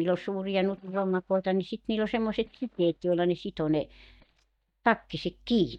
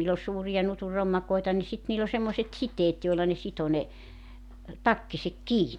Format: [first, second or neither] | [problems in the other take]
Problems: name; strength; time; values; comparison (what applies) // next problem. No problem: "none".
second | noise reduction (neural mask model DeepFilterNet 3)